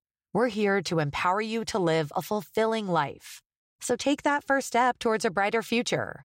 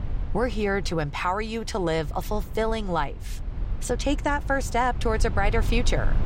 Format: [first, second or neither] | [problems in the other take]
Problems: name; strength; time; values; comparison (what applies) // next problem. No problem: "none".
first | low rumble; noticeable; throughout; 20 dB below the speech